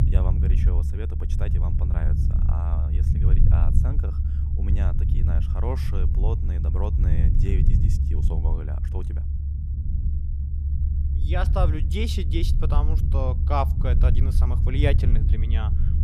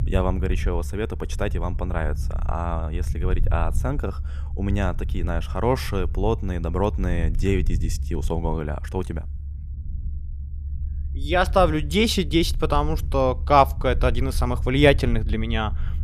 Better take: second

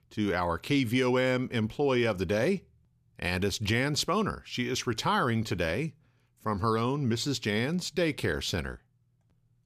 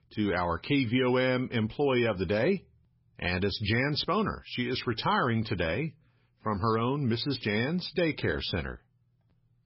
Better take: first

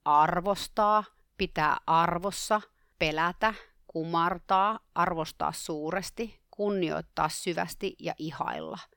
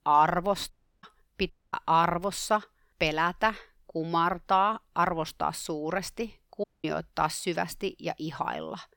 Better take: first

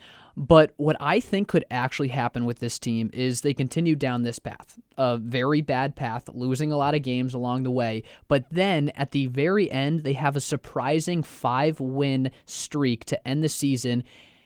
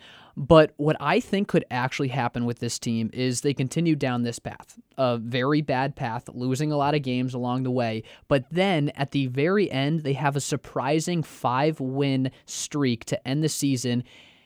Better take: second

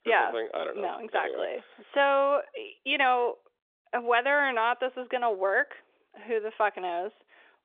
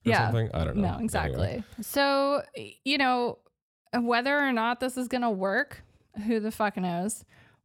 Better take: second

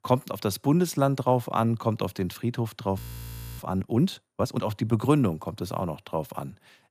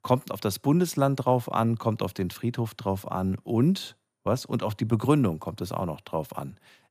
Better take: second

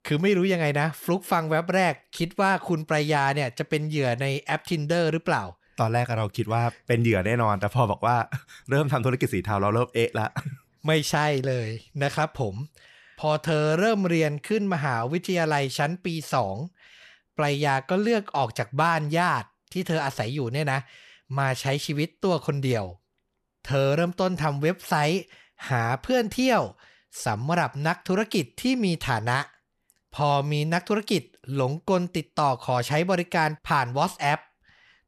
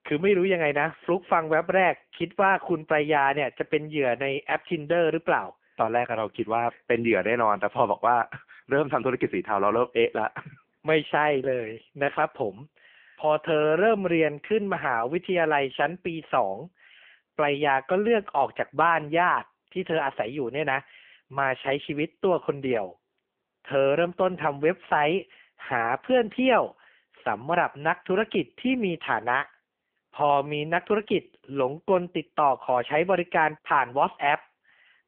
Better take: first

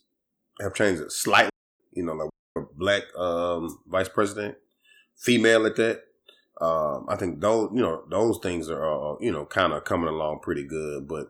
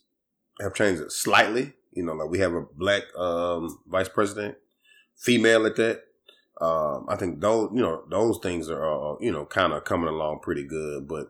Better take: second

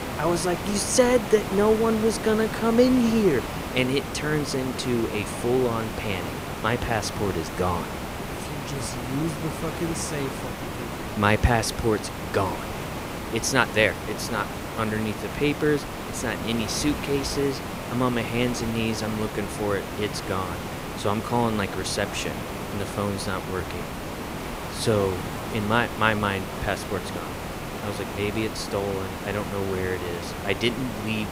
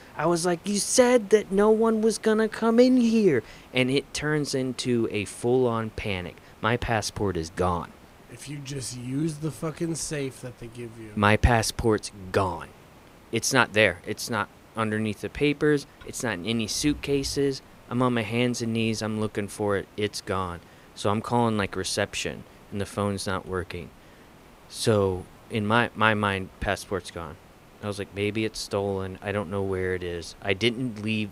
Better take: second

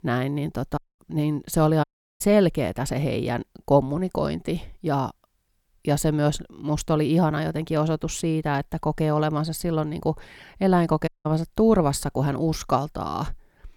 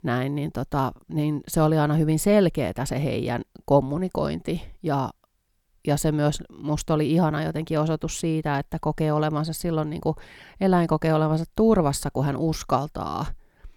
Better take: second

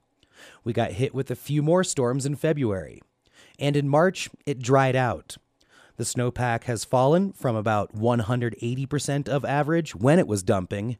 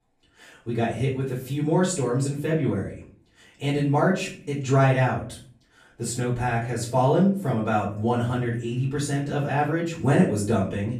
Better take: first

